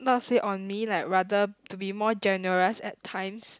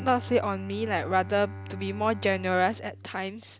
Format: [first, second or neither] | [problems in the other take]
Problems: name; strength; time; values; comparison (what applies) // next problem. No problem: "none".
first | background sound (Bowed string instrument); 12 dB below the speech